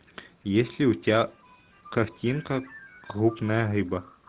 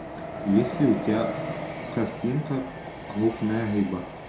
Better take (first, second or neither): first